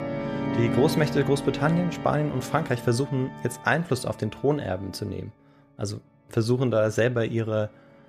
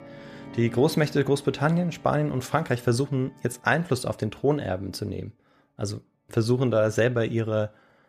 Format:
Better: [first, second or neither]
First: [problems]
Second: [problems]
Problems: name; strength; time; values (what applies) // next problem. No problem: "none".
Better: second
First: background music; loud; throughout; 6 dB below the speech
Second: background music; faint; throughout; 20 dB below the speech